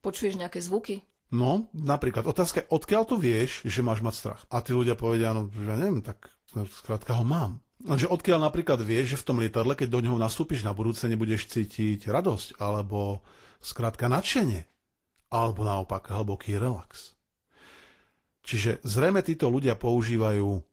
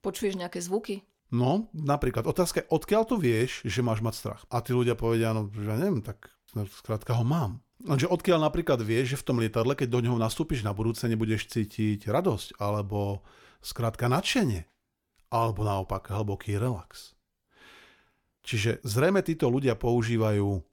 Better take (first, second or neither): second